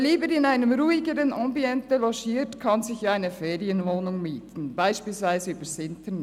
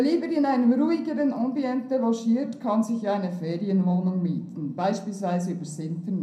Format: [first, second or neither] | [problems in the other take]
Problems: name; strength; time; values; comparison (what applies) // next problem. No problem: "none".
first | room echo; dies away in 0.6 s